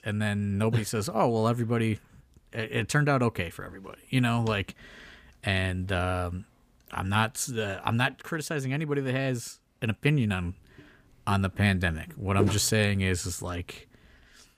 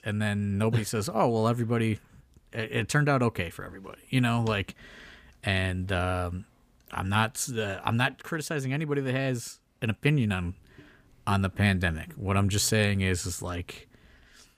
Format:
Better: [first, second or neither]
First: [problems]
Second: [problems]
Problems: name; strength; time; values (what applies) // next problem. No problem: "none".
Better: second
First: footsteps; noticeable; at 12 s; peak 3 dB below the speech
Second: none